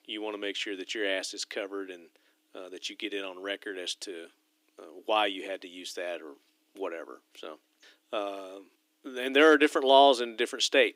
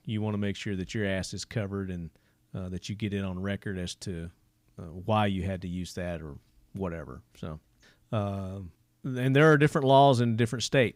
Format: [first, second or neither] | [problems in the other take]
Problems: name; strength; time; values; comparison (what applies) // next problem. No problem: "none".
second | thin; somewhat; fading below 300 Hz